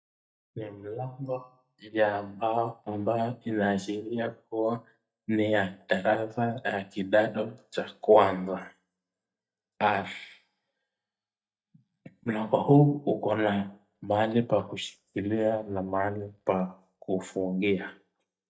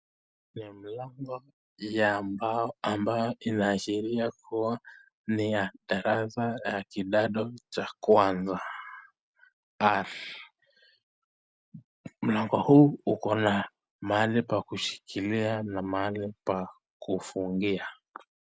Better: second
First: noise reduction (neural mask model DeepFilterNet 3)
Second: none

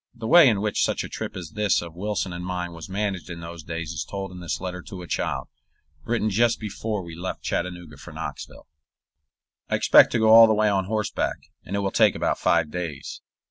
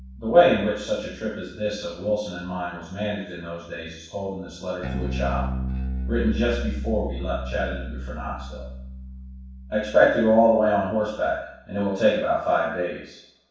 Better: first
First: none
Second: background sound (Bass guitar); 9 dB below the speech // room echo; dies away in 0.7 s

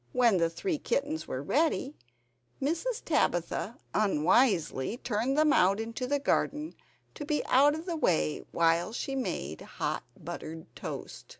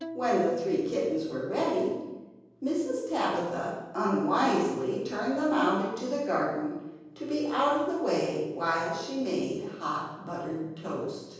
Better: first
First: none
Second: background sound (Bowed string instrument); 15 dB below the speech // room echo; dies away in 1.3 s

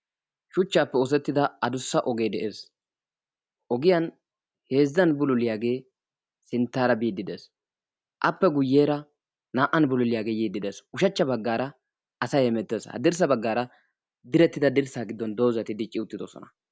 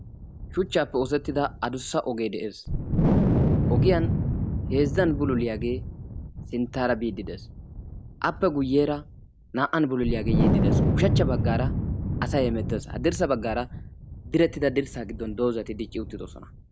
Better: first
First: none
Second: background sound (Wind); as loud as the speech

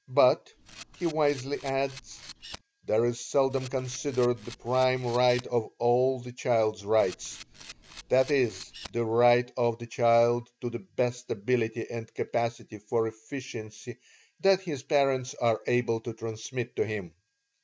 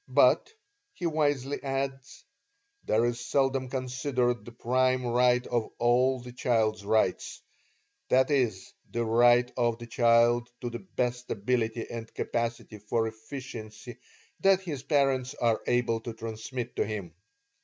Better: second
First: background sound (Camera); 19 dB below the speech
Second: none

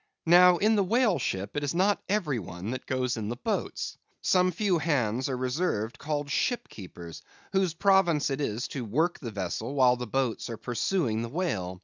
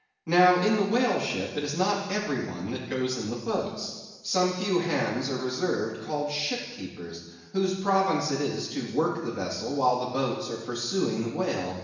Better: first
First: none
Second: room echo; dies away in 1.1 s

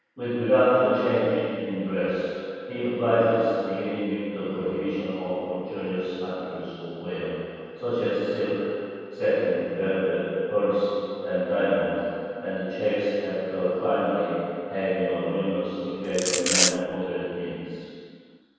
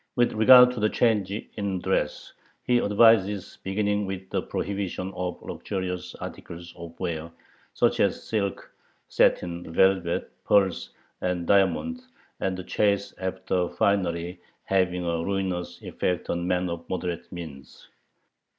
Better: second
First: background sound (Domestic sounds, home sounds); 1 dB above the speech // room echo; dies away in 2.2 s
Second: none

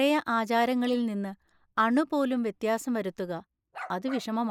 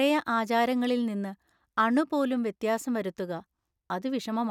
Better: second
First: noise reduction (neural mask model Resemble Enhance denoiser)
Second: none

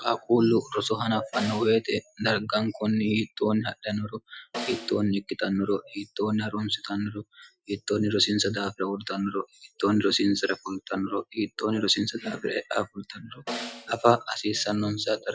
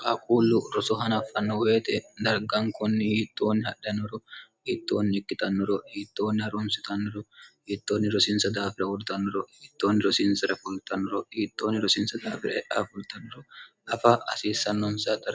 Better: second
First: noise reduction (classical method Wiener filter)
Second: none

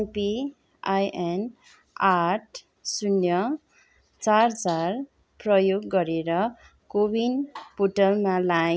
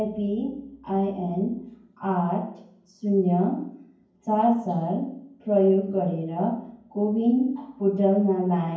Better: first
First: none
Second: room echo; dies away in 0.9 s

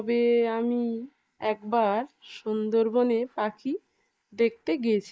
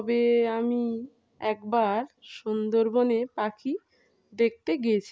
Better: second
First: noise reduction (neural mask model Resemble Enhance denoiser)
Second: none

